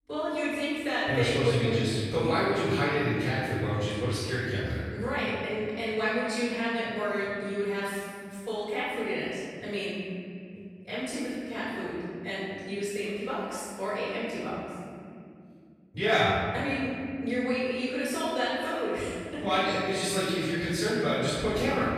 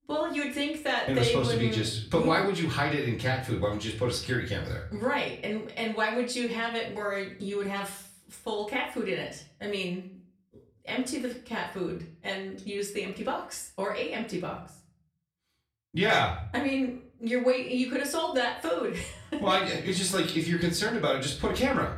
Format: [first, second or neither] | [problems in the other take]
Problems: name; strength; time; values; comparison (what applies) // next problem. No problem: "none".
second | room echo; strong; dies away in 2.5 s; slight in the second // off-mic speech; far; far in the second